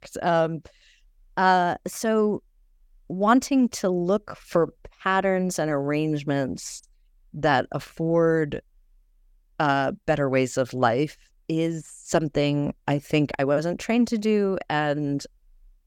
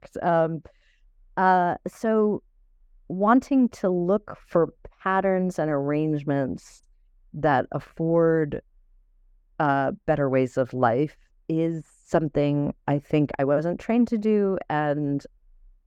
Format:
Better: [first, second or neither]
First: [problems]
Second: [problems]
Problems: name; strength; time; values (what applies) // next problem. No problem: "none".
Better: first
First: none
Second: muffled; slightly; fading above 2.5 kHz